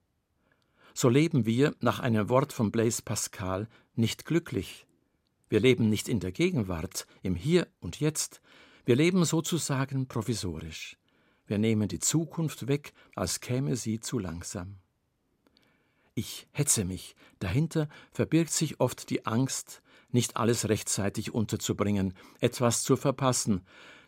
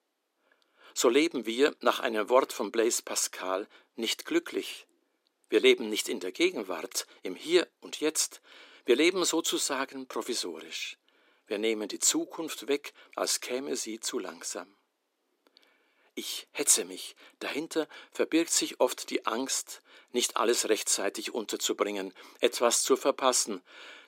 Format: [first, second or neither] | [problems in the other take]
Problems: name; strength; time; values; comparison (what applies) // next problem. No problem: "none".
first | thin; somewhat; fading below 300 Hz